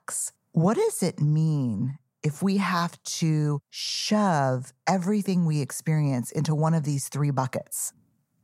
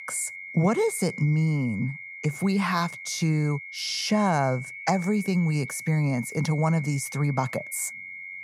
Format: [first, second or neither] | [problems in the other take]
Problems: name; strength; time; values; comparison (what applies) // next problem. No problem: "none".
first | high-pitched whine; noticeable; throughout; 2 kHz, 10 dB below the speech